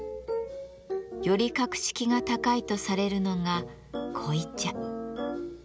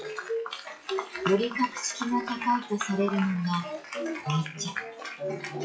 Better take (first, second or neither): first